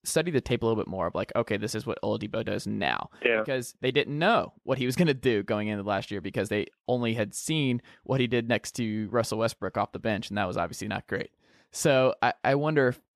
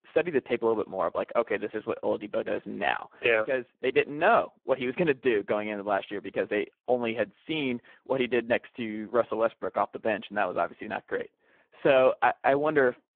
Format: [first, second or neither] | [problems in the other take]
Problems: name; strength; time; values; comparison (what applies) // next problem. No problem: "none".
first | phone-call audio; poor line